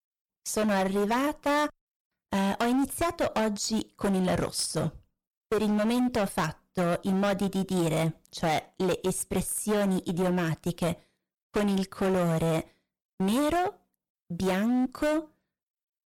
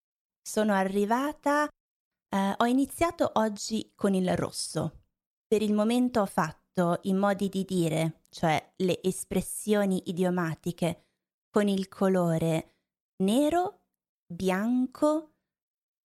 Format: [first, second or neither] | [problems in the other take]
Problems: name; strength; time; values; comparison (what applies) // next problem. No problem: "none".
second | distortion; heavy; 18% of the sound clipped